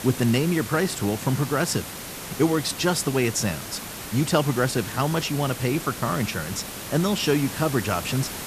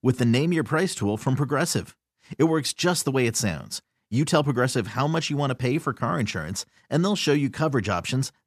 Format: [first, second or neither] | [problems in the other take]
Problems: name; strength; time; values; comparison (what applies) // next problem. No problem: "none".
second | hiss; loud; throughout; 9 dB below the speech